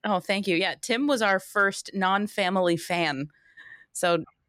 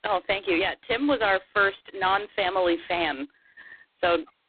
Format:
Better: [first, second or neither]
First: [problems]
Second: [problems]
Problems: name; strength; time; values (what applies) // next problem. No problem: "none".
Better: first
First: none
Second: phone-call audio; poor line; nothing above 4 kHz